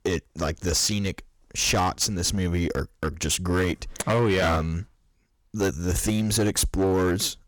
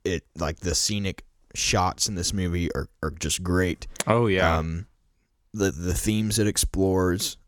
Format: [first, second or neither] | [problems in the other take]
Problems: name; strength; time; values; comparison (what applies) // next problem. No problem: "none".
second | distortion; slight; 10% of the sound clipped